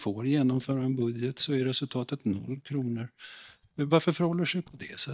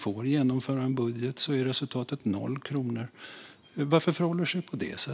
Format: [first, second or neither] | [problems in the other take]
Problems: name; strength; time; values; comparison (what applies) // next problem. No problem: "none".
second | noise reduction (neural mask model DeepFilterNet 3)